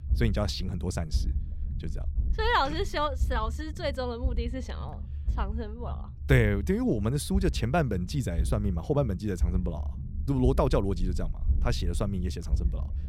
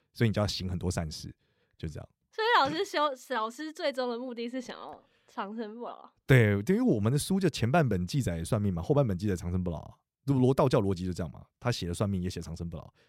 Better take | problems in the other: second | low rumble; noticeable; throughout; 20 dB below the speech

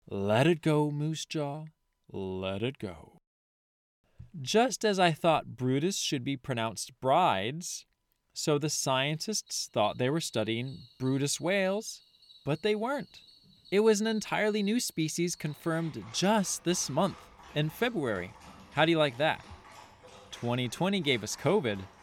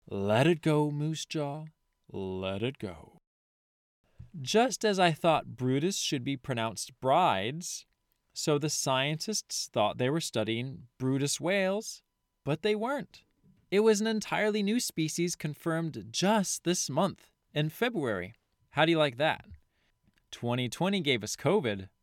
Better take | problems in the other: second | animal sounds; faint; from 9.5 s on; 25 dB below the speech

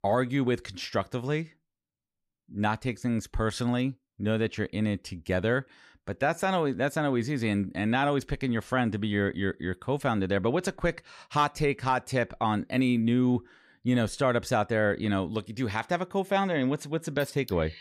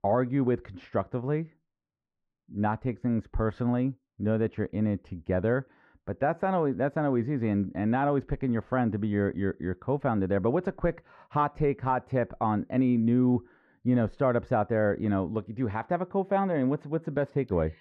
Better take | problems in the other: first | muffled; very; fading above 3.5 kHz

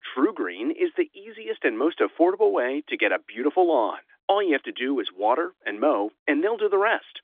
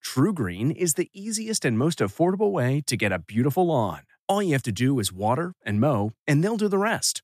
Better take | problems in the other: second | phone-call audio; nothing above 3.5 kHz

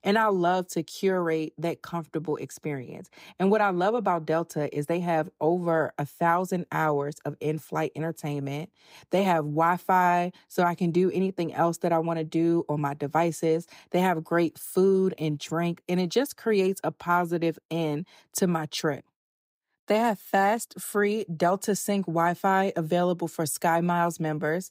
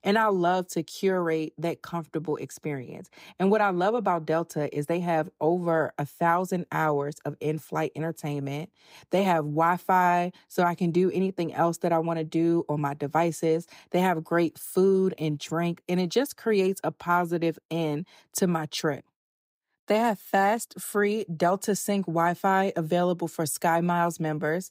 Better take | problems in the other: neither | none

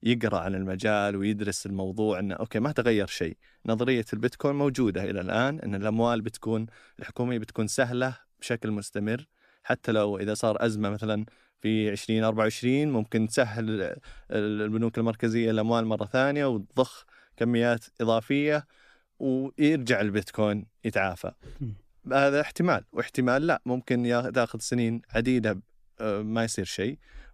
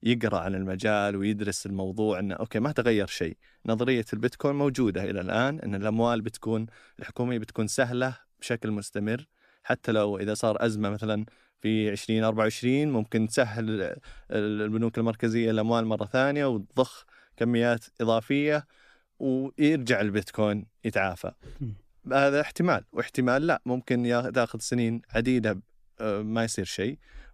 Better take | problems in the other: neither | none

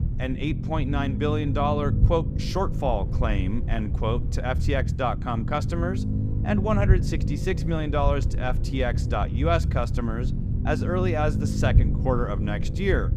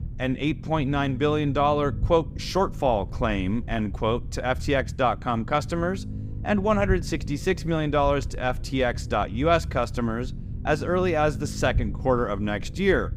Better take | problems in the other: second | low rumble; loud; throughout; 10 dB below the speech; faint in the second

